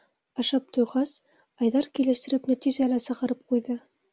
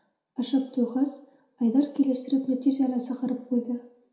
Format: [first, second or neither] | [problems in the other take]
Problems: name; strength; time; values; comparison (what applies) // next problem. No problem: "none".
first | room echo; dies away in 0.5 s